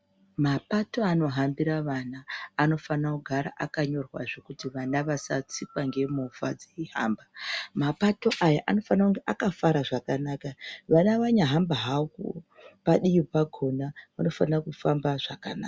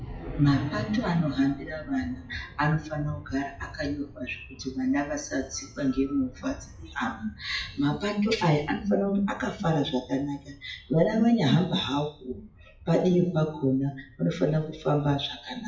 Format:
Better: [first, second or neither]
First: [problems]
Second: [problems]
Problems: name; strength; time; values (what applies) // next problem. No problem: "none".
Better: first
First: none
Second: noise reduction (classical method WPE with log-MMSE)